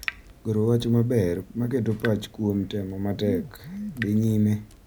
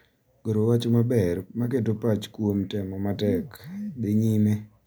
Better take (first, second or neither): second